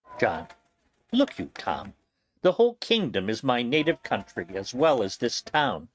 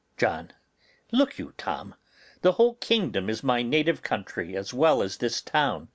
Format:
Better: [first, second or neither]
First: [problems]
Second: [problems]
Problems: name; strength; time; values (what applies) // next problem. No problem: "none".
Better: second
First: noise reduction (neural mask model RNNoise)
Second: none